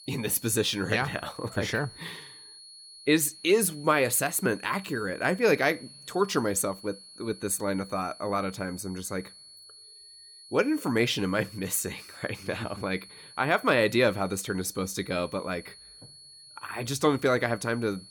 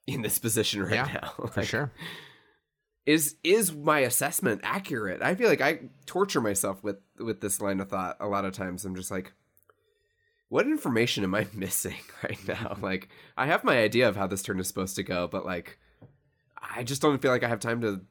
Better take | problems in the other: second | high-pitched whine; noticeable; throughout; 4.5 kHz, 20 dB below the speech

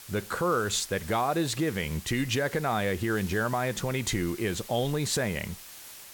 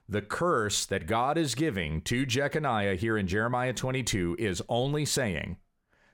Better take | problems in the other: second | hiss; noticeable; throughout; 15 dB below the speech

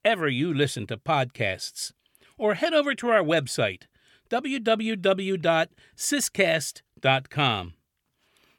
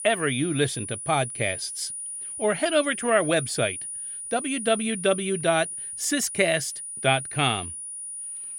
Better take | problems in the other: first | high-pitched whine; loud; throughout; 9.5 kHz, 7 dB below the speech

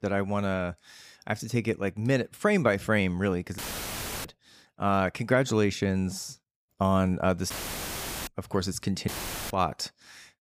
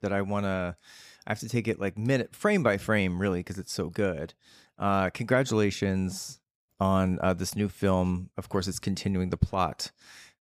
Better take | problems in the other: second | audio cutting out; filled with static; at 3.5 s for 0.5 s, at 7.5 s for 1 s and at 9 s

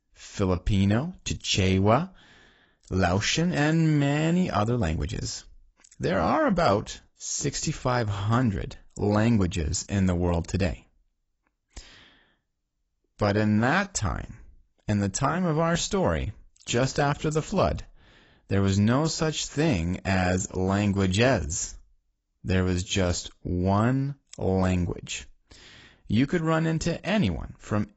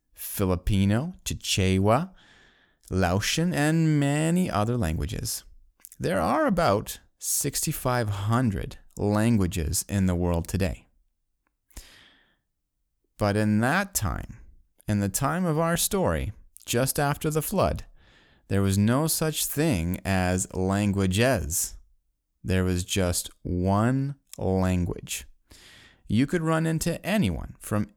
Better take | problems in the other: second | garbled, watery; badly; nothing above 8 kHz

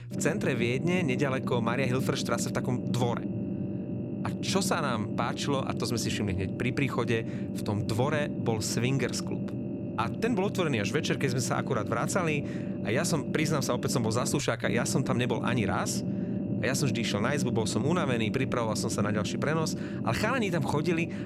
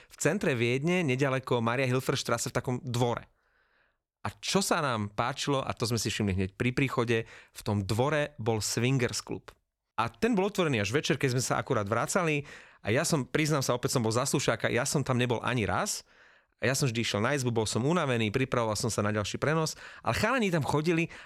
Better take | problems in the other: second | low rumble; loud; throughout; 8 dB below the speech

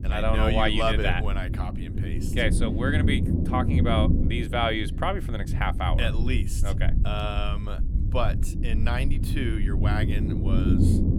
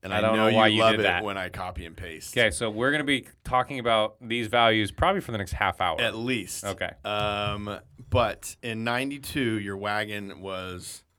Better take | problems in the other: second | low rumble; loud; throughout; 8 dB below the speech

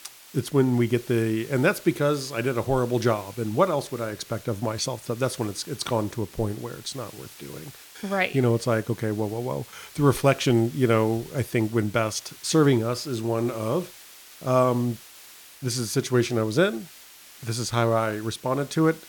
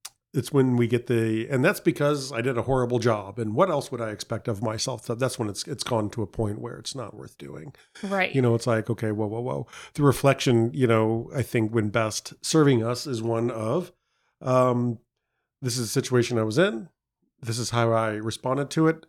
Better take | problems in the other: second | hiss; noticeable; throughout; 20 dB below the speech

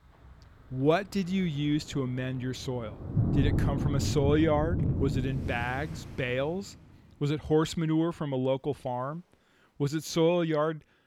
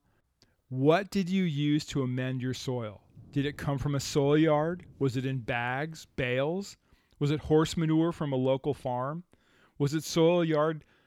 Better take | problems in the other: second | rain or running water; loud; throughout; 2 dB below the speech; faint in the second

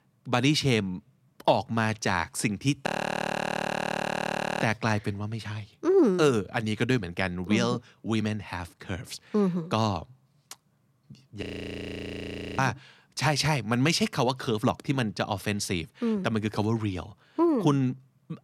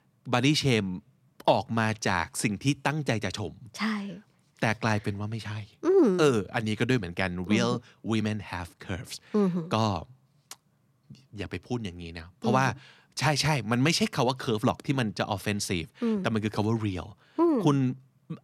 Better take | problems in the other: second | audio freezing; at 3 s for 1.5 s and at 11 s for 1 s

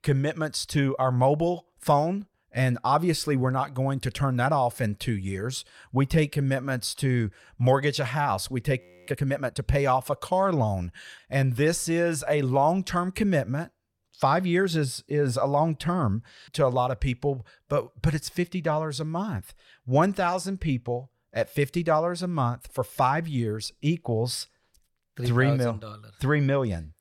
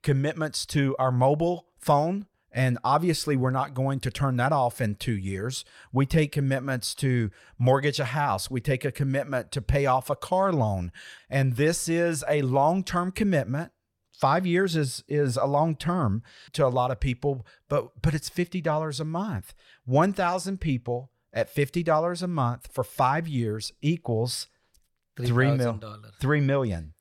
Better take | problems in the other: second | audio freezing; at 9 s

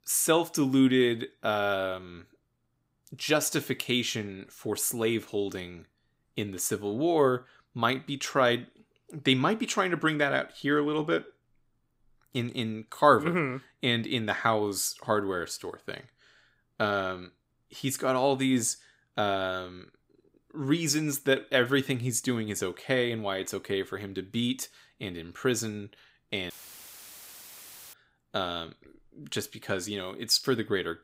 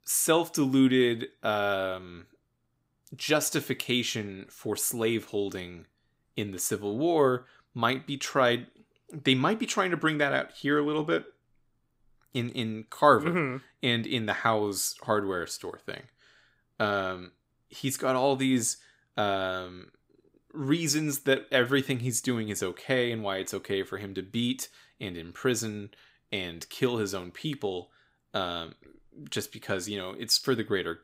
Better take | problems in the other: second | audio cutting out; filled with static; at 27 s for 1.5 s

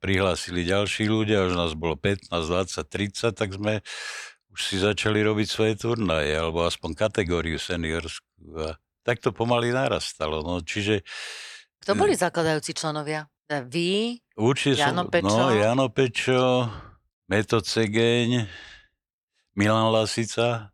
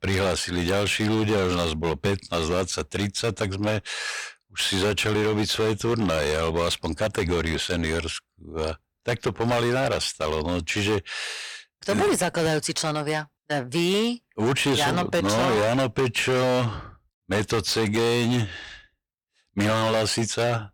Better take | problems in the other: first | distortion; heavy; 15% of the sound clipped

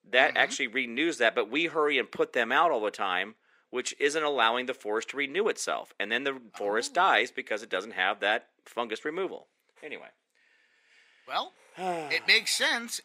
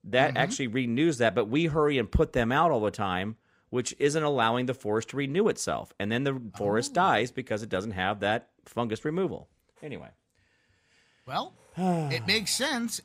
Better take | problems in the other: second | thin; somewhat; fading below 300 Hz

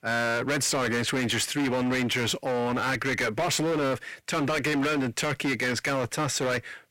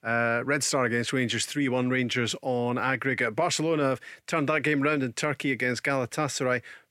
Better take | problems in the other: second | distortion; heavy; 26% of the sound clipped

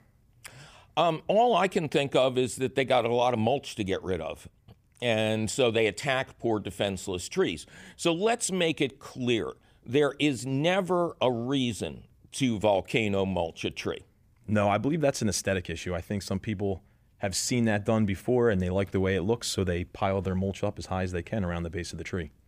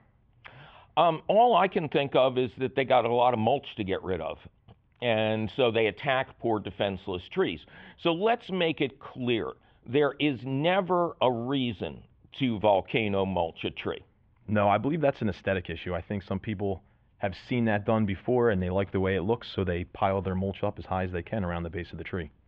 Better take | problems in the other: first | muffled; very; fading above 3.5 kHz

